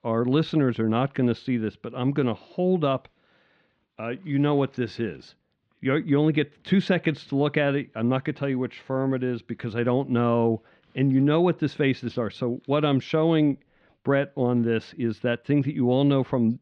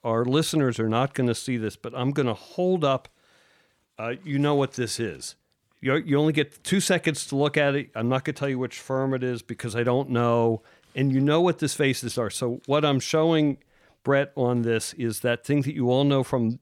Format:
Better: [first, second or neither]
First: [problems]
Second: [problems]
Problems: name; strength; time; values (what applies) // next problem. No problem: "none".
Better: second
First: muffled; slightly; fading above 3.5 kHz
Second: none